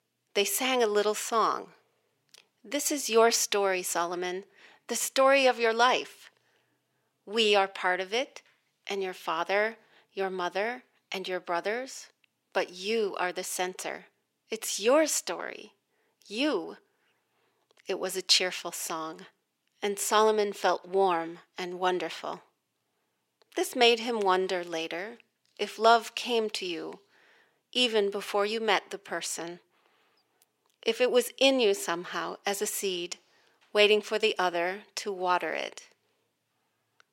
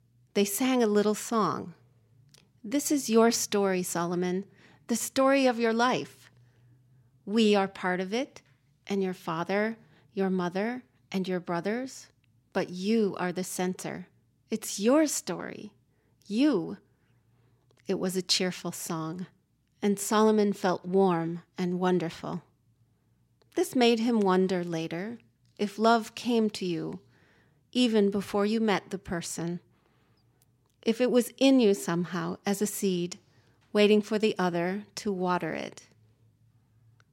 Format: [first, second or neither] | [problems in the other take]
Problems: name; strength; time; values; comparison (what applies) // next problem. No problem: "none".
second | thin; somewhat; fading below 550 Hz